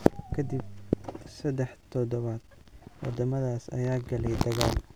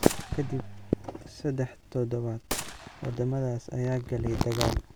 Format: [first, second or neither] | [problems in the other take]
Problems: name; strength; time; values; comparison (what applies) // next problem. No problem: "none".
first | background sound (Gunshot, gunfire); 12 dB below the speech